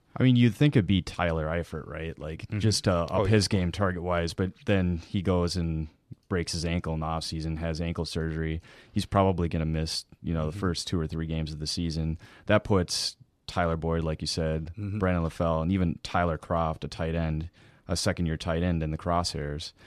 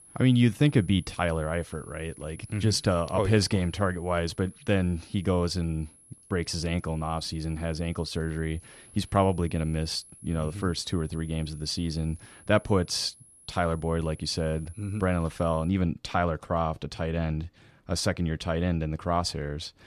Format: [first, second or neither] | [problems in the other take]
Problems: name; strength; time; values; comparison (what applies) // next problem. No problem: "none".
first | high-pitched whine; faint; until 16 s; 11 kHz, 20 dB below the speech